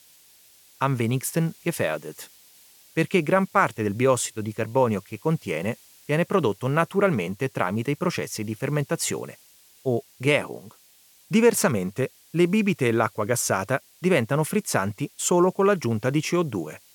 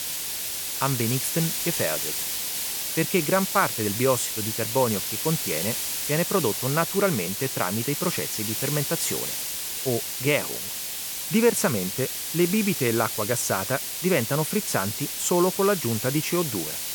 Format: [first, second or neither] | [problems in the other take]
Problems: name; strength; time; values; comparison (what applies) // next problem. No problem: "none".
first | hiss; loud; throughout; 1 dB below the speech; faint in the first